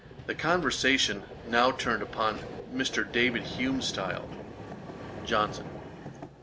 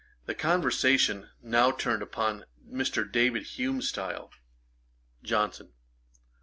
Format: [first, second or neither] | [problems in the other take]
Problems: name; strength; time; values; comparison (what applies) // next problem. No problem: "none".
second | background sound (Vehicle); 11 dB below the speech